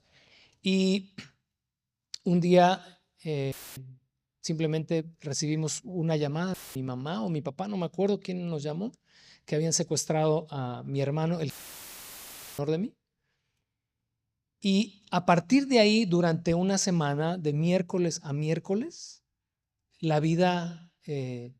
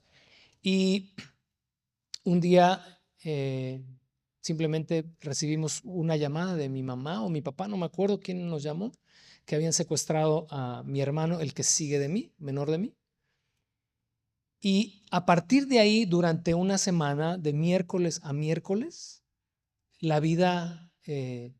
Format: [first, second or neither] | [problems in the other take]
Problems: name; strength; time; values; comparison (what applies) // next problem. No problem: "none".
second | audio cutting out; filled with static; at 3.5 s, at 6.5 s and at 12 s for 1 s